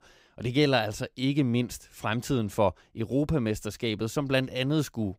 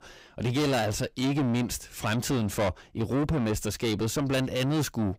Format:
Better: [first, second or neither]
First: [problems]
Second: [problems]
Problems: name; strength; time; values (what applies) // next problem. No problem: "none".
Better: first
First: none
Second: distortion; heavy; 6 dB below the speech